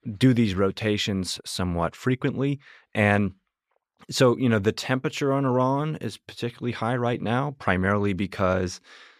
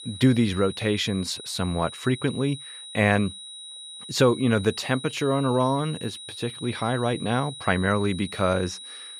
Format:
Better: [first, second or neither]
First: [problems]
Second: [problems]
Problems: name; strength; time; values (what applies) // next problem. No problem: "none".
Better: first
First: none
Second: high-pitched whine; noticeable; throughout; 4 kHz, 15 dB below the speech